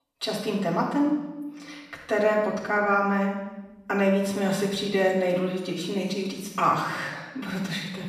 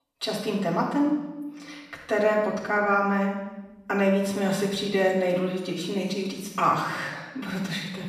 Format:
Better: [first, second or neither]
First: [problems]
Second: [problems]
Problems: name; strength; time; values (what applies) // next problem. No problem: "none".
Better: neither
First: room echo; noticeable; dies away in 1 s // off-mic speech; far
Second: room echo; noticeable; dies away in 1 s // off-mic speech; far